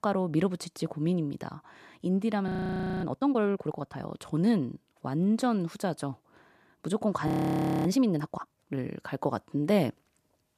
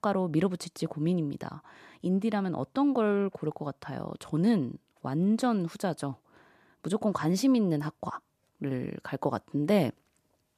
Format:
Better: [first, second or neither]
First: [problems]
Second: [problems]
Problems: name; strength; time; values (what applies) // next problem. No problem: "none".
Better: second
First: audio freezing; at 2.5 s for 0.5 s and at 7.5 s for 0.5 s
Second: none